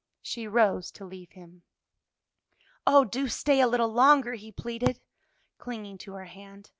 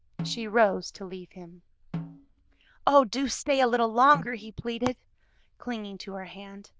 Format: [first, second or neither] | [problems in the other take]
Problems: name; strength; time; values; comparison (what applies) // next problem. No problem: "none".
first | noise reduction (neural diffusion model UNIVERSE++)